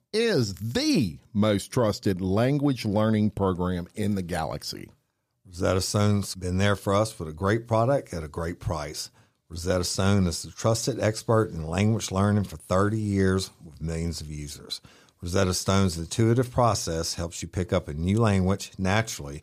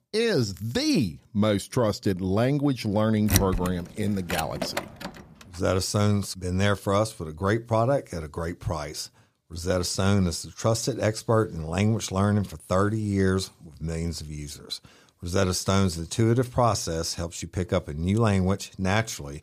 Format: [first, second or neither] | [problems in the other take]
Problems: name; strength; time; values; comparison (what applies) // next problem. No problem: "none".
first | door banging; loud; from 3.5 to 5 s; peak 1 dB above the speech